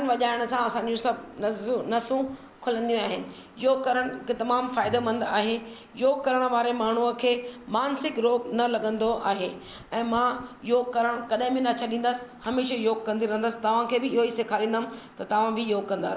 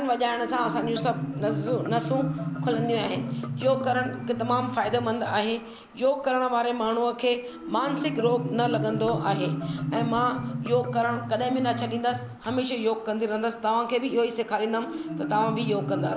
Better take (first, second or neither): first